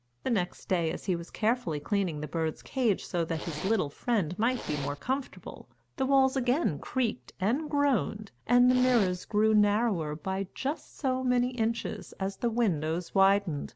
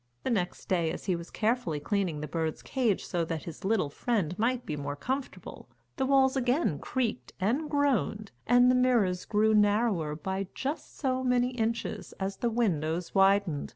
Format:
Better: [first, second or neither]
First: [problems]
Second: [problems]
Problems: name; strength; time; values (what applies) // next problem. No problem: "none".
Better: second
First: background sound (Zipper (clothing)); 10 dB below the speech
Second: none